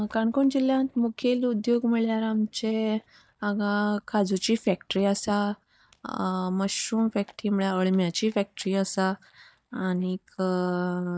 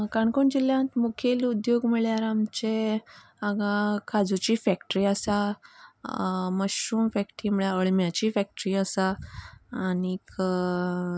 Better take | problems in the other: second | noise reduction (neural mask model DeepFilterNet 3)

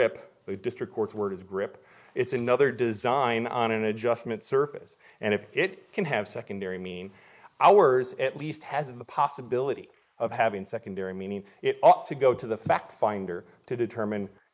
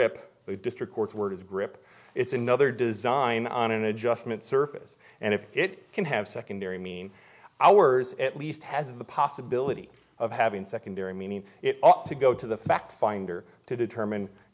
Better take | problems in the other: second | noise reduction (neural mask model Resemble Enhance denoiser)

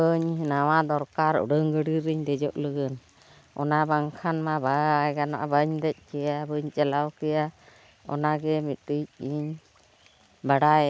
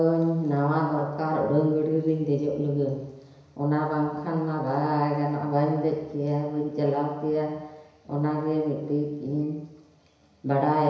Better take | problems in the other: first | room echo; dies away in 1 s

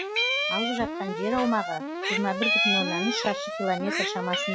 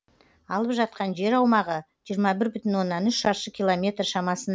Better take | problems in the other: second | noise reduction (classical method log-MMSE)

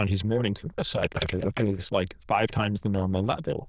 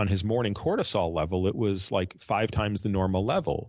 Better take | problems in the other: second | noise reduction (neural diffusion model UNIVERSE++)

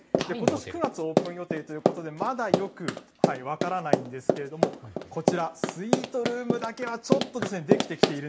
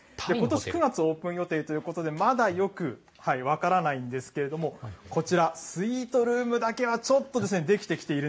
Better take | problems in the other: second | background sound (Run); 4 dB above the speech

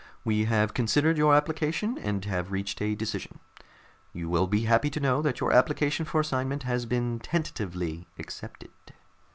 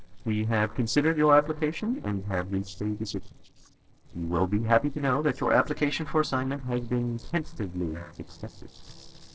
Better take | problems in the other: first | noise reduction (neural separator model SepFormer DNS4)

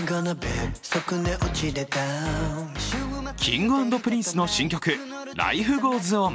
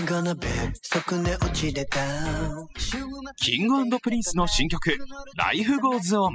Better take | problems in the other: first | noise reduction (classical method spectral subtraction)

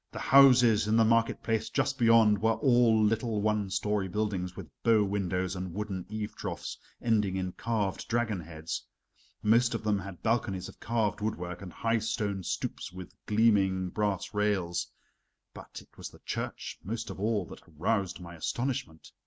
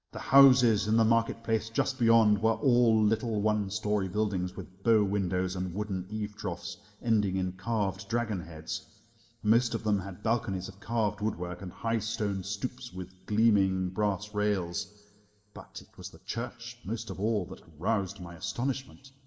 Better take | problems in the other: first | room echo; dies away in 1.4 s

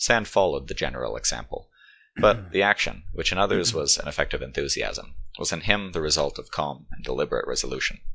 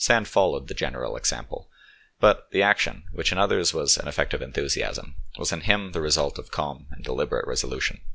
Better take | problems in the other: second | noise reduction (classical method log-MMSE)

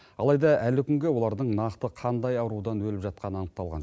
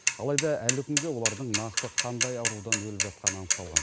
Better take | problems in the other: first | background sound (Mechanisms / Bicycle); 3 dB above the speech

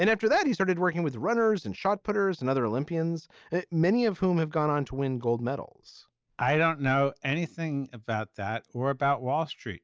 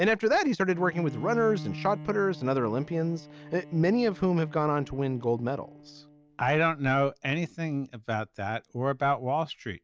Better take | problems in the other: first | background sound (Bowed string instrument); 17 dB below the speech

